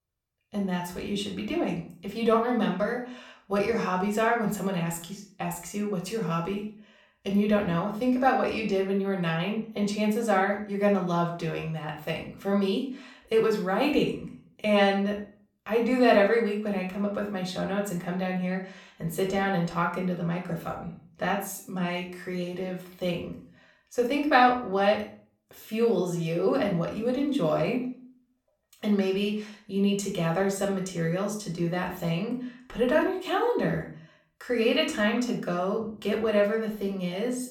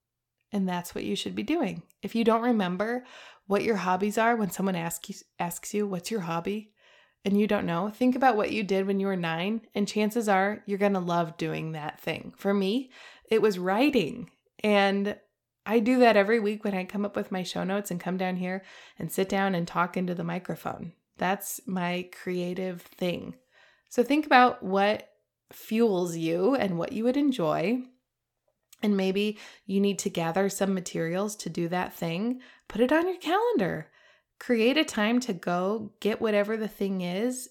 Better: second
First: off-mic speech; somewhat distant // room echo; slight; dies away in 0.4 s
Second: none

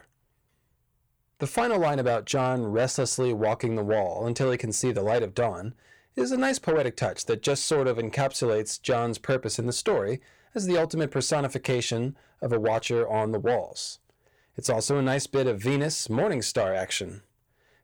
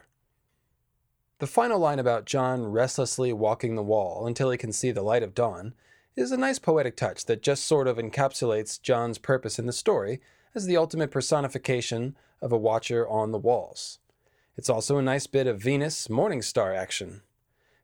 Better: second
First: distortion; slight; 10 dB below the speech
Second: none

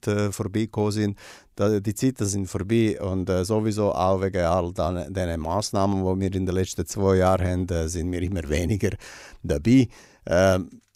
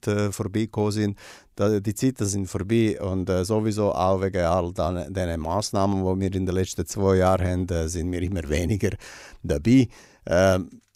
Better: neither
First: none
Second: none

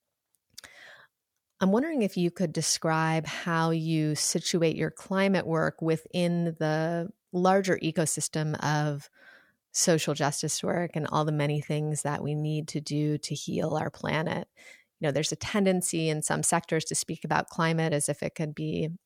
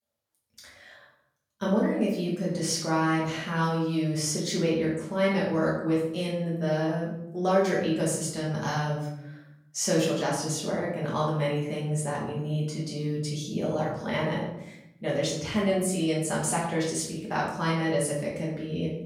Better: first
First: none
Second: off-mic speech; far // room echo; noticeable; dies away in 0.7 s

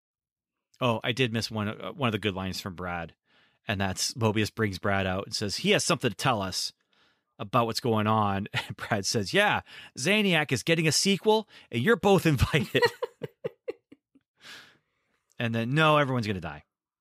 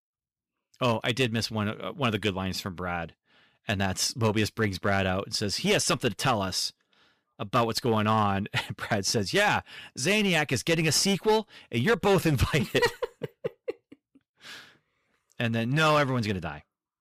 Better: first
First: none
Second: distortion; slight; 5% of the sound clipped

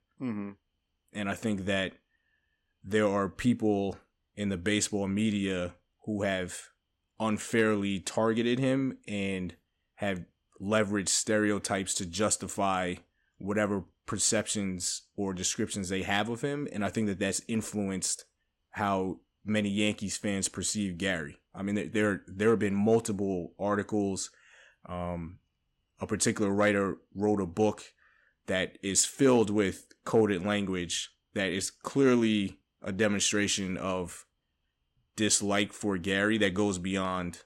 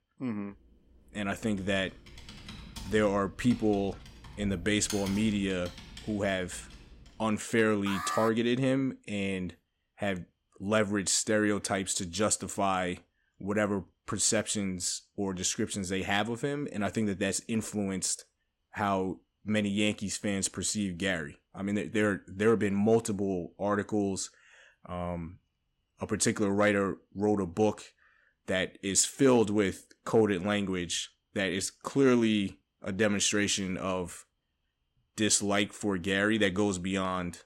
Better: first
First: none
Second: keyboard typing; noticeable; from 1.5 to 7 s; peak 9 dB below the speech // alarm; noticeable; at 8 s; peak 4 dB below the speech

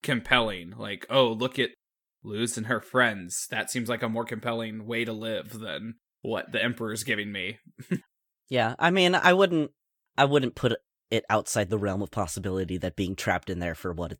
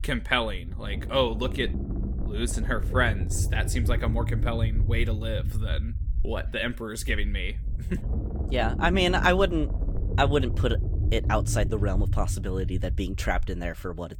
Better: first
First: none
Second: low rumble; noticeable; throughout; 15 dB below the speech

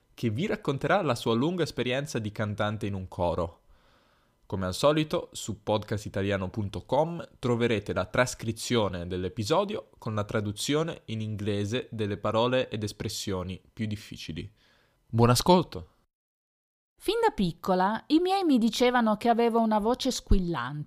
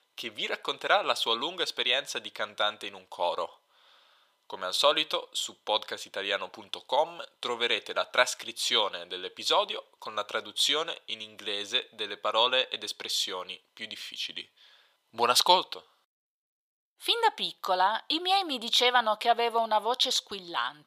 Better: first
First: none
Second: thin; very; fading below 750 Hz

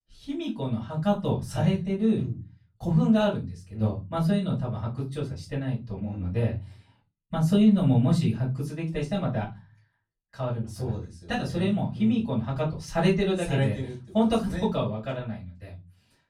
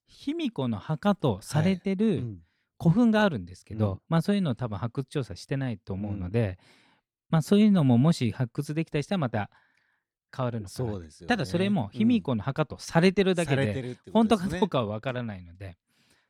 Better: second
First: off-mic speech; far // room echo; very slight; dies away in 0.3 s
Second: none

